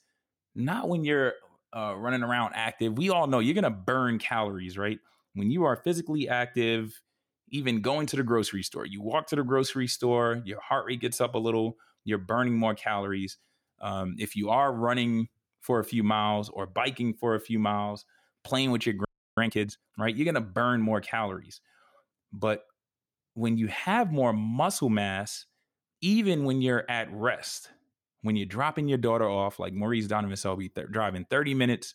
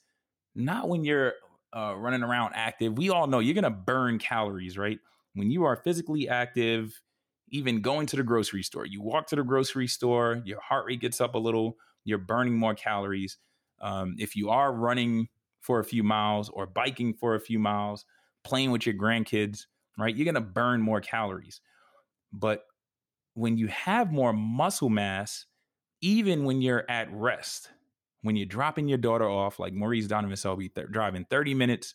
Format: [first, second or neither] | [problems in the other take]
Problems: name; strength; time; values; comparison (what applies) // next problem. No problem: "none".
second | audio freezing; at 19 s